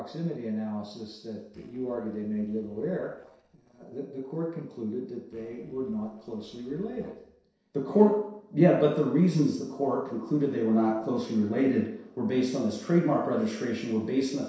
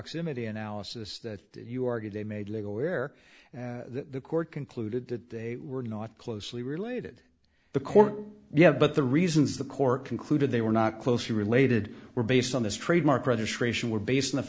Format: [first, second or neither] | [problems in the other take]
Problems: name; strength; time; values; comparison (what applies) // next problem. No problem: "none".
second | noise reduction (neural separator model SepFormer DNS4)